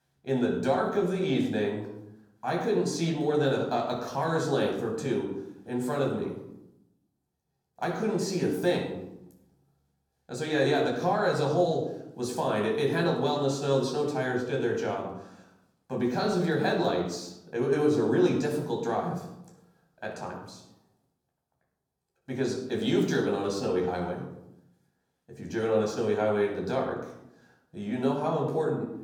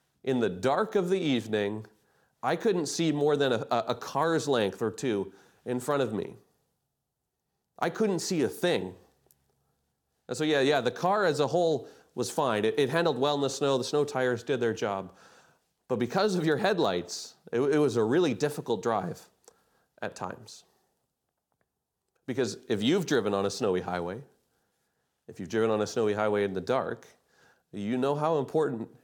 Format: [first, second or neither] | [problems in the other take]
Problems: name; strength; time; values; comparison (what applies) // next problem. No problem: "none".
second | off-mic speech; somewhat distant // room echo; noticeable; dies away in 0.7 s